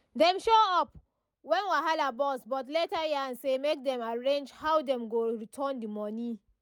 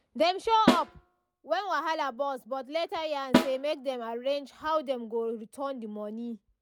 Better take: first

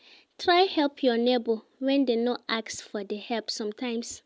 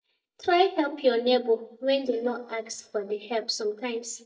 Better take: first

